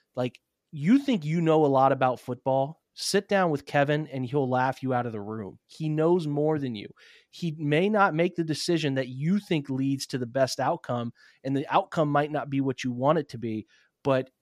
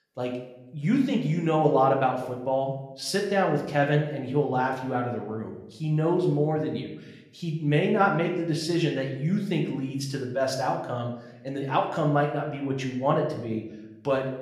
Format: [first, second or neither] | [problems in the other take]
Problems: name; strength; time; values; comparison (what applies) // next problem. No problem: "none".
first | room echo; slight; dies away in 0.7 s // off-mic speech; somewhat distant